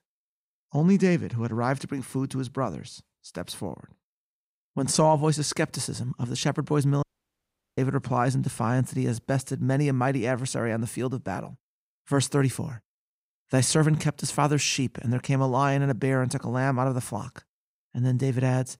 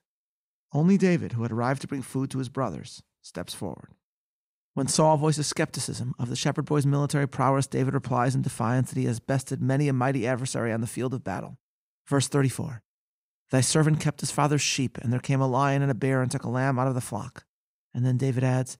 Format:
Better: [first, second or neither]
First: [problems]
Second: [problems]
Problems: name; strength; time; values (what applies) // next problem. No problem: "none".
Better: second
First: audio cutting out; at 7 s for 0.5 s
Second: none